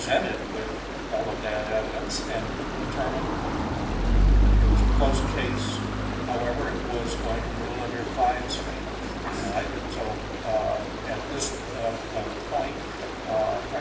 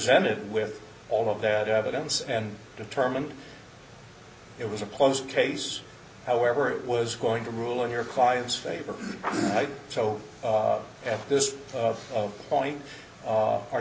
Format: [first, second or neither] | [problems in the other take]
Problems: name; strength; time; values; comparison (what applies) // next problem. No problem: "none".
second | background sound (Stream); 4 dB above the speech // room echo; dies away in 1.3 s